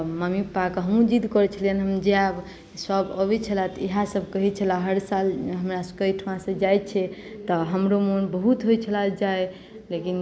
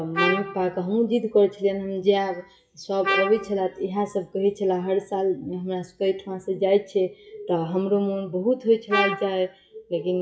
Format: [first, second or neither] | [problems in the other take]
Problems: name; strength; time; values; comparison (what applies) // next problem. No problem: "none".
first | noise reduction (classical method WPE with log-MMSE)